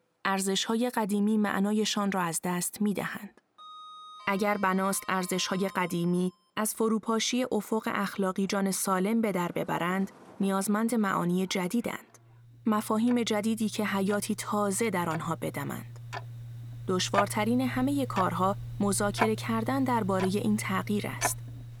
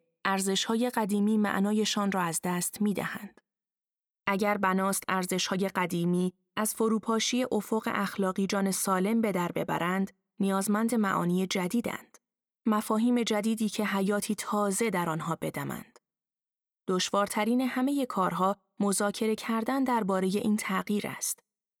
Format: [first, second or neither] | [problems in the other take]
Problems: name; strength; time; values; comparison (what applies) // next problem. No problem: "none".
second | household noises; noticeable; throughout; 10 dB below the speech